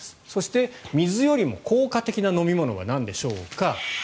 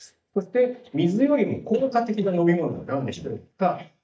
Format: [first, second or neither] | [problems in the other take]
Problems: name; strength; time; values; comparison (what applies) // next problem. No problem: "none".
first | noise reduction (neural mask model DeepFilterNet 3)